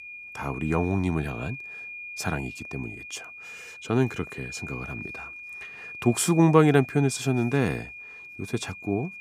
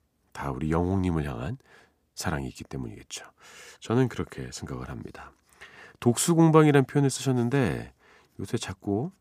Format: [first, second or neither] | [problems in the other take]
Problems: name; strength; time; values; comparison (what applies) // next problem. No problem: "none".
second | high-pitched whine; noticeable; throughout; 2.5 kHz, 10 dB below the speech